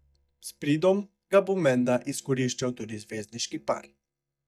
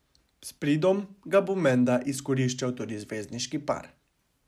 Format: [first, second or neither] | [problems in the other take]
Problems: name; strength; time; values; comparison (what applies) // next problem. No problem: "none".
second | noise reduction (neural mask model DeepFilterNet 3)